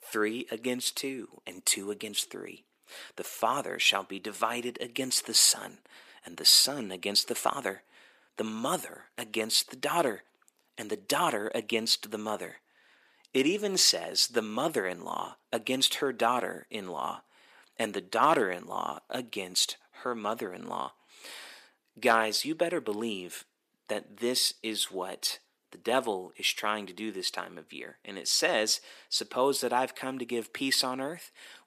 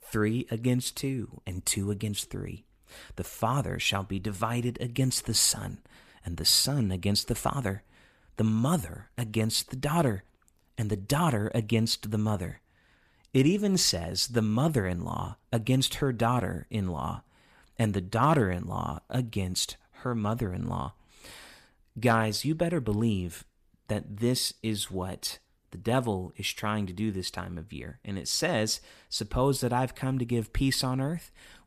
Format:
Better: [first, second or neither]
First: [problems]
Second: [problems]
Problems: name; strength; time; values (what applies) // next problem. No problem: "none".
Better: second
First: thin; somewhat; fading below 350 Hz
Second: none